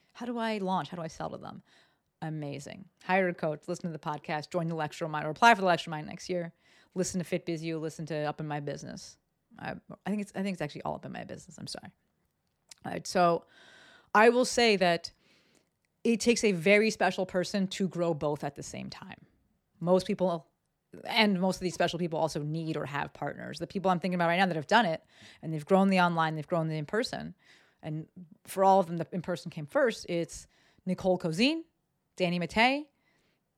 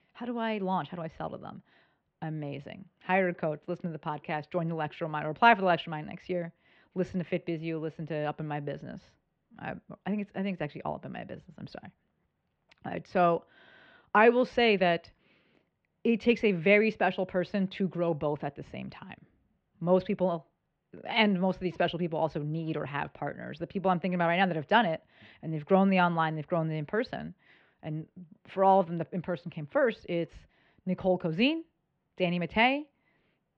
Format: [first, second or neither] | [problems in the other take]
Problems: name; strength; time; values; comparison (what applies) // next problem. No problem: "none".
first | muffled; slightly; fading above 3 kHz